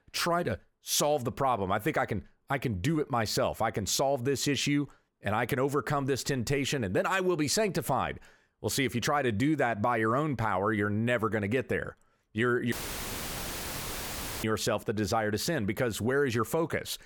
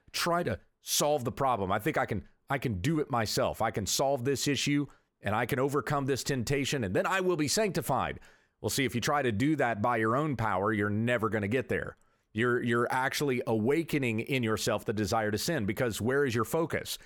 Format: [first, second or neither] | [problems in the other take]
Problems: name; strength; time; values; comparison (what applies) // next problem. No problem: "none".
second | audio cutting out; filled with static; at 13 s for 1.5 s